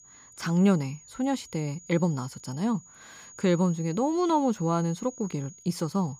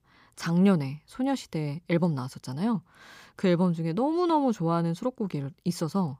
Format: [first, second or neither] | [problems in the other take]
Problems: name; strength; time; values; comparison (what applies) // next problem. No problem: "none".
second | high-pitched whine; noticeable; throughout; 6.5 kHz, 20 dB below the speech